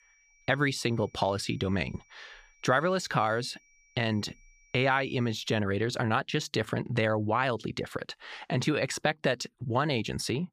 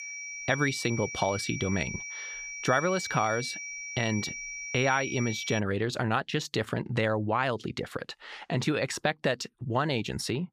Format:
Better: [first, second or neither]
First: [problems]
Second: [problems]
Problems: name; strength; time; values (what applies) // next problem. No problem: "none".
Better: first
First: high-pitched whine; faint; until 5.5 s; 2.5 kHz, 30 dB below the speech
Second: high-pitched whine; loud; until 5.5 s; 2.5 kHz, 7 dB below the speech